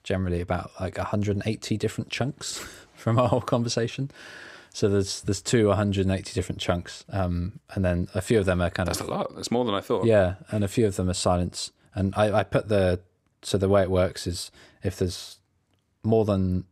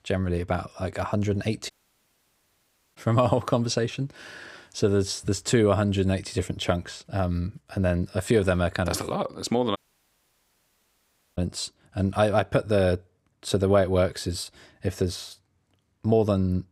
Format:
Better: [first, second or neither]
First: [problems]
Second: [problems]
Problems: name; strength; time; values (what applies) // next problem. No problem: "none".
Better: first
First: none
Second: audio cutting out; at 1.5 s for 1.5 s and at 10 s for 1.5 s